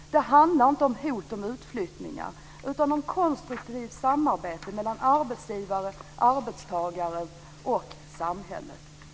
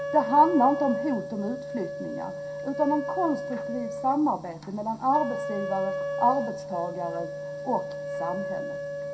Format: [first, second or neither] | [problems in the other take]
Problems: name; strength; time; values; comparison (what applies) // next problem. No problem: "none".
first | background sound (Wind instrument, woodwind instrument); 6 dB below the speech // room echo; dies away in 0.3 s